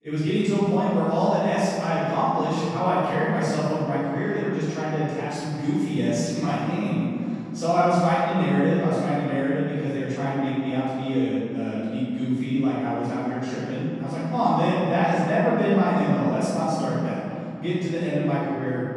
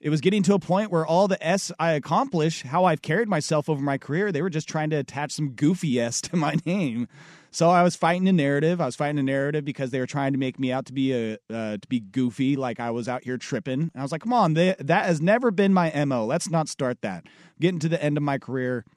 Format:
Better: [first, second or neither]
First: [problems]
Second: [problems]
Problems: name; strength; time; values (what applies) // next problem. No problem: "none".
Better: second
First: room echo; strong; dies away in 2.7 s // off-mic speech; far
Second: none